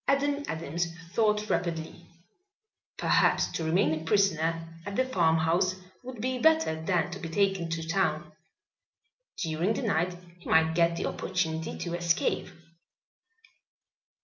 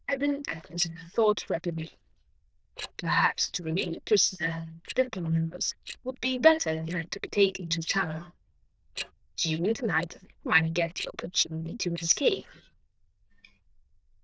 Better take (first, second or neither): first